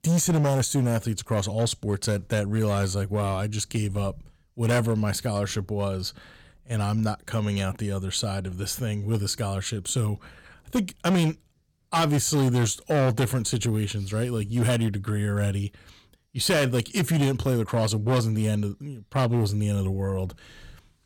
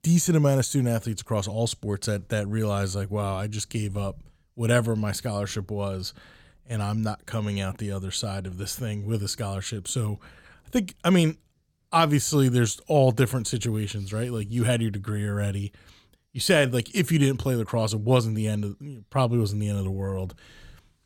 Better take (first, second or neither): second